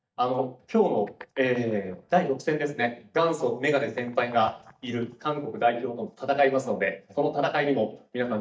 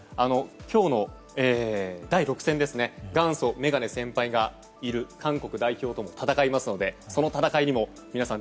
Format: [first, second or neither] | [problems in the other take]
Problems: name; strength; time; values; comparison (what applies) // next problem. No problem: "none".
second | noise reduction (neural mask model DeepFilterNet 3)